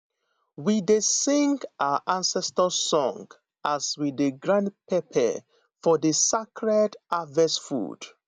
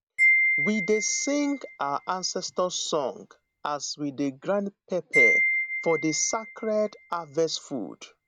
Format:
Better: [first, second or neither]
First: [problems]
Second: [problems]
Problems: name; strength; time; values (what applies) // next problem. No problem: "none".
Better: first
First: none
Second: background sound (Wind chime); as loud as the speech